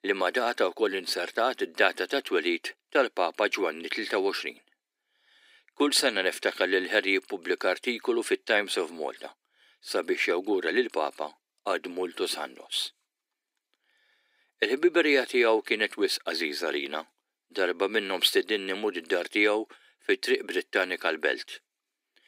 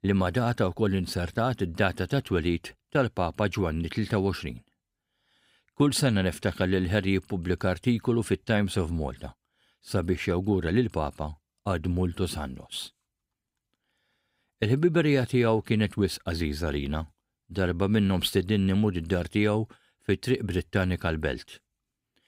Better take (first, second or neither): second